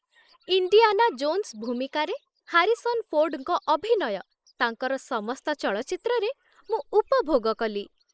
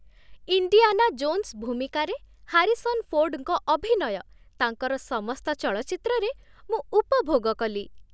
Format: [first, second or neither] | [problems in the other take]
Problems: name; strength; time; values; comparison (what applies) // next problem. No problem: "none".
second | noise reduction (neural mask model Resemble Enhance denoiser)